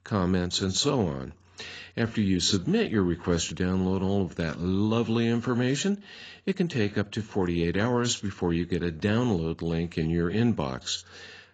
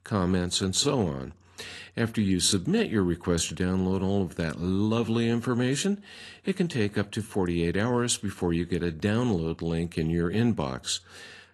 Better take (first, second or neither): second